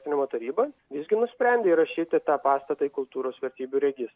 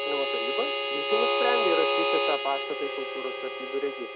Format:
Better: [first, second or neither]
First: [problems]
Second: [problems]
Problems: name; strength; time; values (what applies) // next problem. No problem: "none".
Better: first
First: none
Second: background sound (Harmonica); 4 dB above the speech